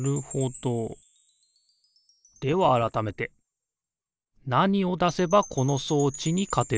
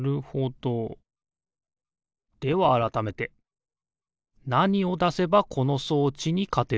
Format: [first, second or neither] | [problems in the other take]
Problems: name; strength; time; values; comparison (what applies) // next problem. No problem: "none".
second | background sound (Wind chime / Percussion); 18 dB below the speech